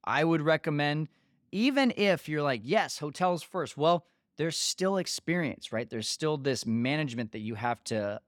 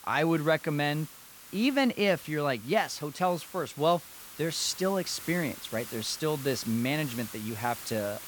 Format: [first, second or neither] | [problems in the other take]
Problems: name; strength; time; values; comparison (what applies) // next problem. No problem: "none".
first | hiss; noticeable; throughout; 15 dB below the speech